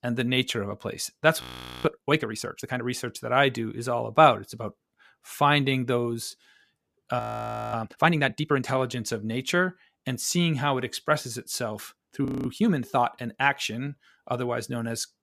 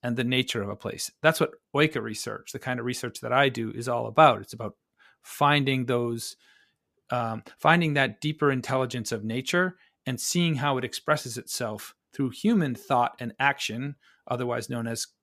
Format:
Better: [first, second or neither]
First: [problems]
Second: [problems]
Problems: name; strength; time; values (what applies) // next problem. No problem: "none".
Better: second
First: audio freezing; at 1.5 s, at 7 s for 0.5 s and at 12 s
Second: none